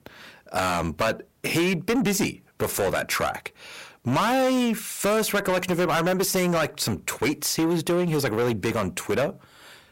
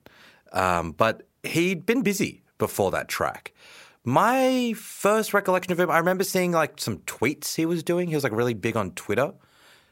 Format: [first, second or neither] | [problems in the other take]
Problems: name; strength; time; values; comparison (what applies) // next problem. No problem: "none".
second | distortion; heavy; 6 dB below the speech